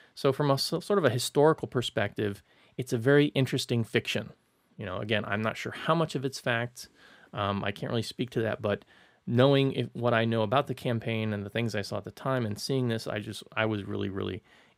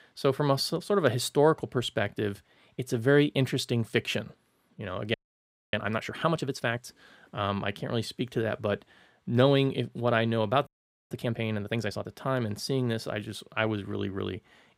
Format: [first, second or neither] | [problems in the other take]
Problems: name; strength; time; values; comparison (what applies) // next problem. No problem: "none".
first | audio freezing; at 5 s for 0.5 s and at 11 s